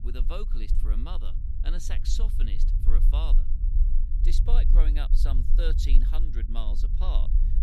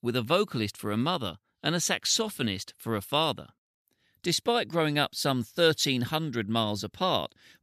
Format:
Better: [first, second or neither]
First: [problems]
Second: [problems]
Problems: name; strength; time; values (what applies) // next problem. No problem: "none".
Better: second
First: low rumble; loud; throughout; 8 dB below the speech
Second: none